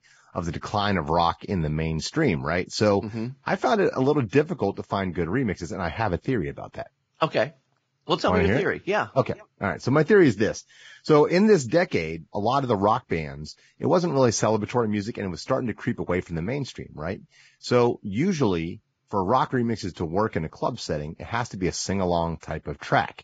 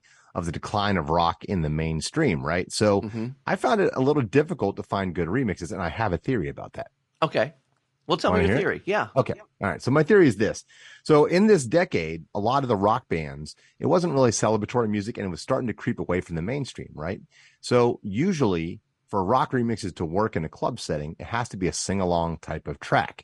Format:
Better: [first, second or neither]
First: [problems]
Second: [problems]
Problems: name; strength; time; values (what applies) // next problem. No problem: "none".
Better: second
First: garbled, watery; badly; nothing above 7.5 kHz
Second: garbled, watery; slightly